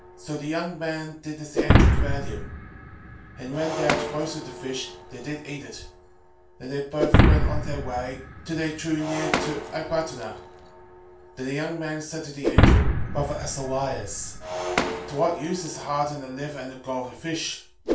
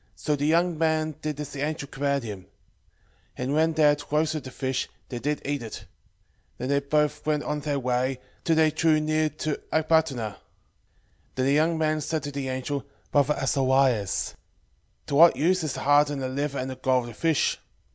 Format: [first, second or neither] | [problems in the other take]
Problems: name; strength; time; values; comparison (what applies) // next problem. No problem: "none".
second | background sound (Shatter); 5 dB above the speech // room echo; dies away in 0.3 s